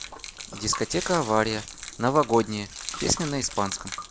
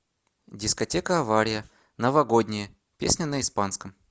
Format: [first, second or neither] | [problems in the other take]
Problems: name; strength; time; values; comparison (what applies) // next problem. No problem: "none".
second | background sound (Gurgling / Liquid + Glass); 11 dB below the speech